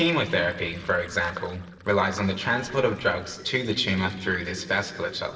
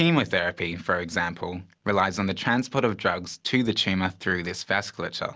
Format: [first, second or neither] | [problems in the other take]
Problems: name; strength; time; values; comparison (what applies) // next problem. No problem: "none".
second | noise reduction (neural separator model SepFormer DNS4)